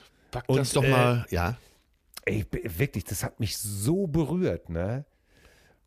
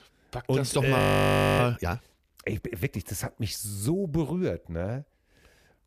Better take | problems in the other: first | audio freezing; at 1 s for 0.5 s

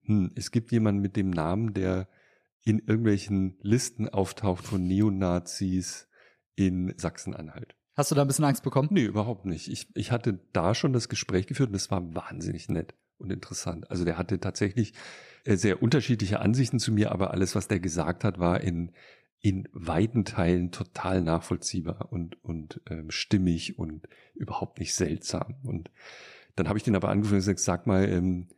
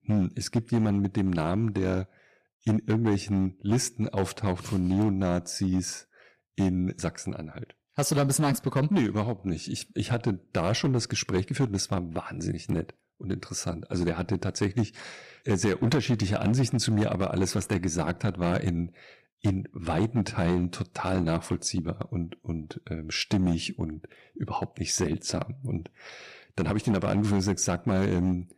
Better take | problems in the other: first | distortion; slight; 6% of the sound clipped

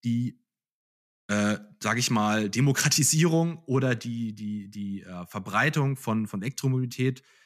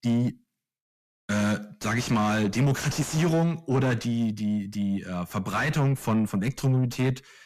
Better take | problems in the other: first | distortion; heavy; 5 dB below the speech

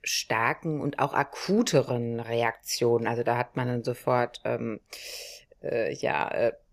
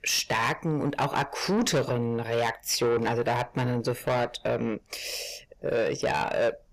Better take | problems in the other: first | distortion; heavy; 7 dB below the speech

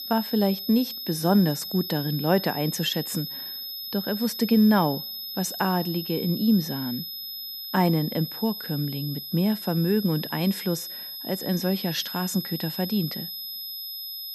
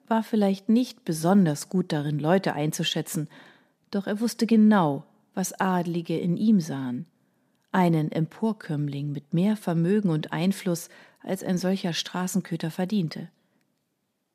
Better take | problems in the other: second | high-pitched whine; loud; throughout; 5 kHz, 7 dB below the speech

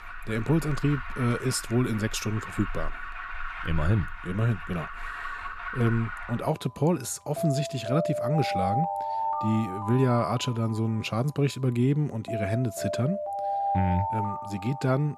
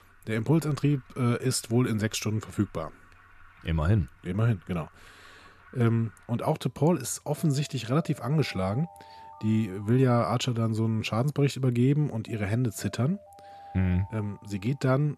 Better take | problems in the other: second | alarms or sirens; loud; throughout; 5 dB below the speech; faint in the second

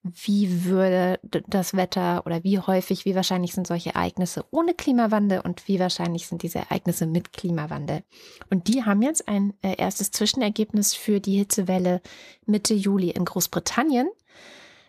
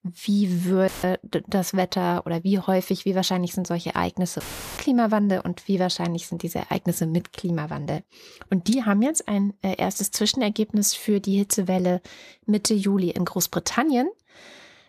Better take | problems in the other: first | audio cutting out; filled with static; at 1 s and at 4.5 s

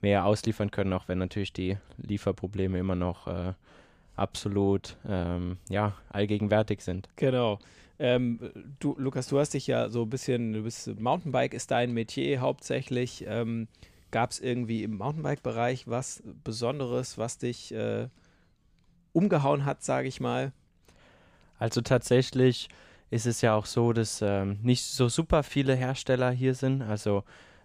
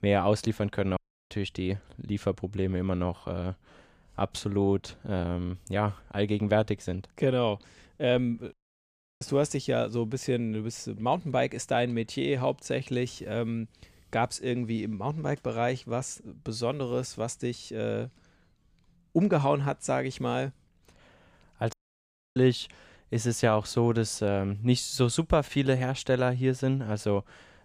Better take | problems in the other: first | audio cutting out; at 1 s, at 8.5 s for 0.5 s and at 22 s for 0.5 s

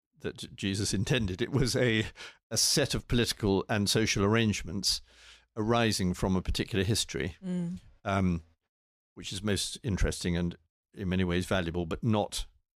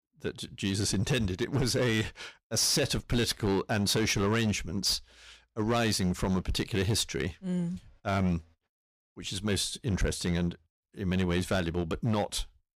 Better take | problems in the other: first | distortion; slight; 8% of the sound clipped

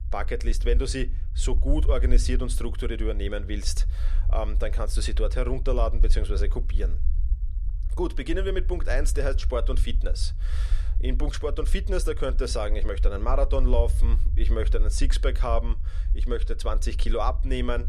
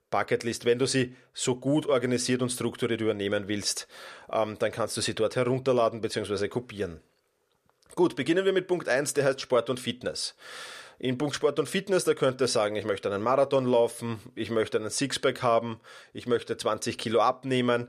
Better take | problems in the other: second | low rumble; noticeable; throughout; 20 dB below the speech

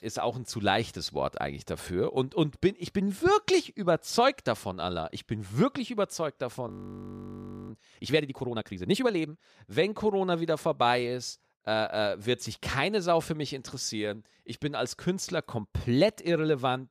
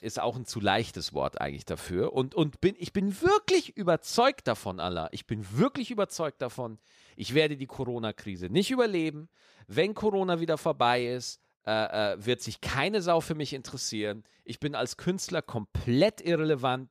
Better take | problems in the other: second | audio freezing; at 6.5 s for 1 s

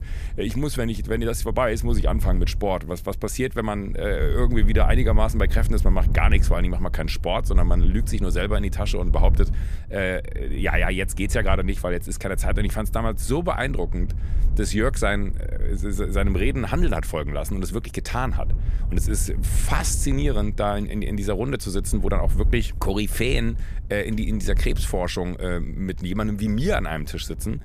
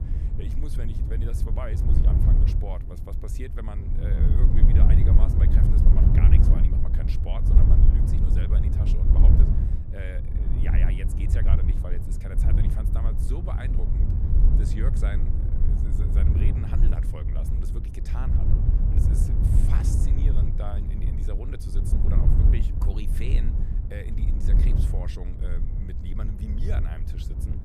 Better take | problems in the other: first | wind noise on the microphone; heavy; 3 dB above the speech; occasional gusts in the first

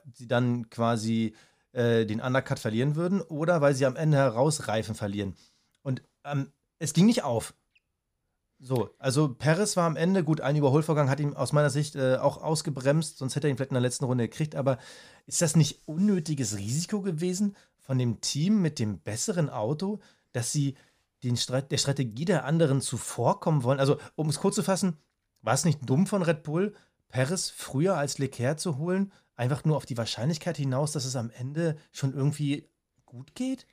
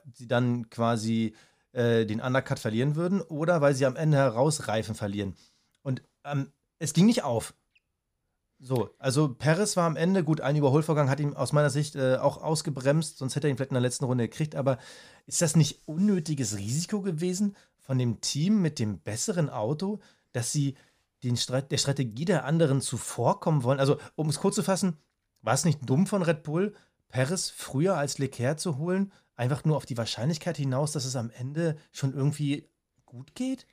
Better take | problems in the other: neither | none

